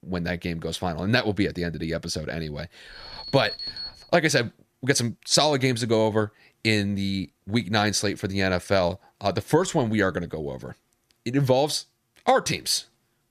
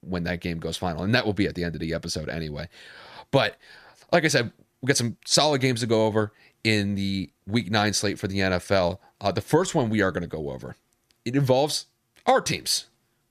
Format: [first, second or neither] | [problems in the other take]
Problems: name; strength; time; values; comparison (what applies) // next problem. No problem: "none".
second | alarm; noticeable; from 3 to 4 s; peak 7 dB below the speech